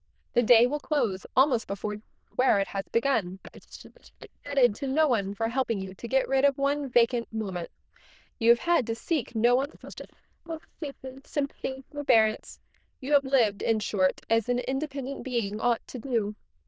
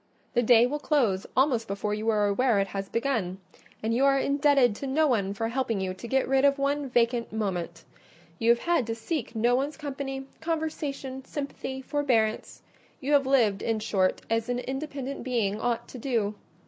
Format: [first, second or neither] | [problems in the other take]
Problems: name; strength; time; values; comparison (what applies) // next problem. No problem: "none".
second | noise reduction (neural diffusion model UNIVERSE++)